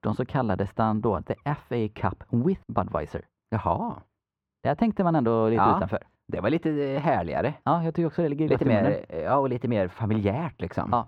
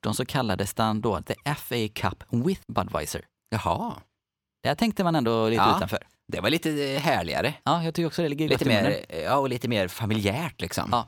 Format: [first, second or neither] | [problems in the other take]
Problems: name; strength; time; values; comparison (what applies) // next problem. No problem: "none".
second | muffled; very; fading above 3.5 kHz